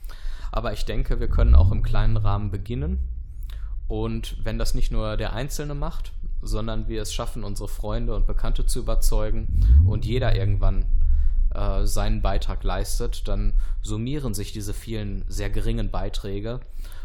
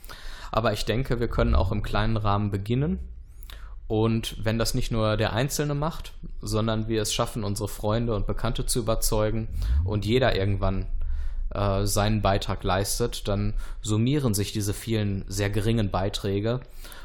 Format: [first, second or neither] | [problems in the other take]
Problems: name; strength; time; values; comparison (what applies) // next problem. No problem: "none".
second | low rumble; loud; throughout; 10 dB below the speech; faint in the second